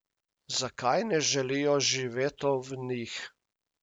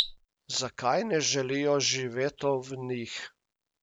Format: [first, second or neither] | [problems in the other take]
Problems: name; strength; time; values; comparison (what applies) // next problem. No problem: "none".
first | background sound (Cricket); 13 dB below the speech